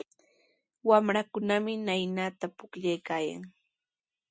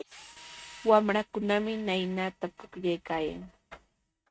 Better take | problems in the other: first | noise reduction (neural mask model RNNoise)

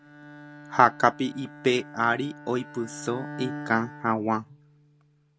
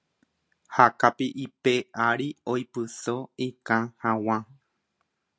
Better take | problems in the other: second | background sound (Bowed string instrument); 15 dB below the speech

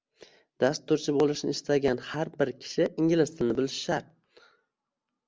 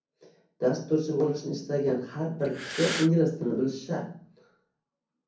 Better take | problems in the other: first | background sound (Breathing); 7 dB below the speech // room echo; dies away in 0.6 s

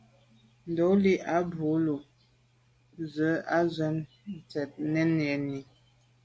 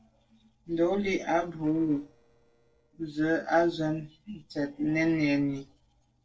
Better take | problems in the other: first | noise reduction (neural separator model SepFormer DNS4)

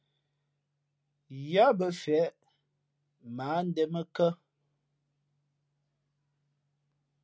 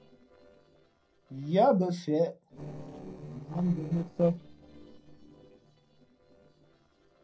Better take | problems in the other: first | noise reduction (neural separator model SepFormer DNS4)

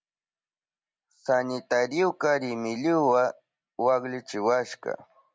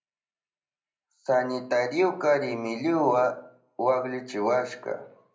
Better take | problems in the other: first | room echo; dies away in 0.5 s

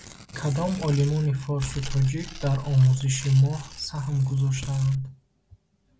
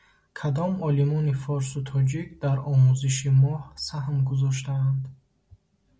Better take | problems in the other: second | background sound (Tearing); 15 dB below the speech

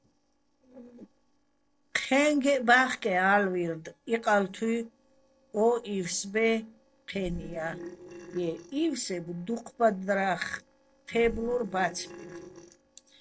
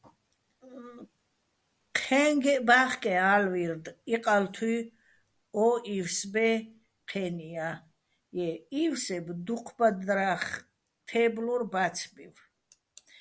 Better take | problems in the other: second | noise reduction (neural separator model SepFormer DNS4)

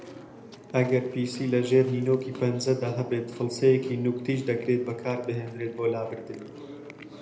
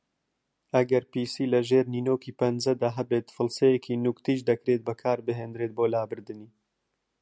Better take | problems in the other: second | background sound (Chewing, mastication); 17 dB below the speech // room echo; dies away in 0.8 s

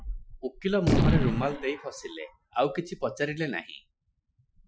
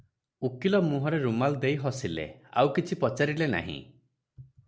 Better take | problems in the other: second | noise reduction (classical method Wiener filter)

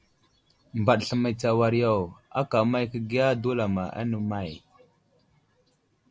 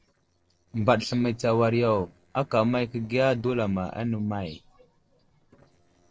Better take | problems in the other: first | noise reduction (neural separator model SepFormer DNS4)

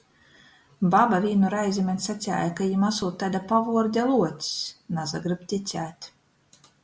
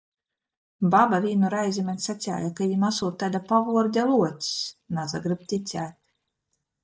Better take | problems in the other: first | noise reduction (neural mask model DeepFilterNet 3)

